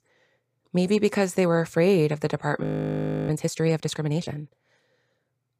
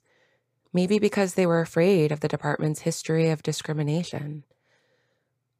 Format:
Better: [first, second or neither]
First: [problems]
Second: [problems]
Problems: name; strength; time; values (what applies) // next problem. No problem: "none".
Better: second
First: audio freezing; at 2.5 s for 0.5 s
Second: none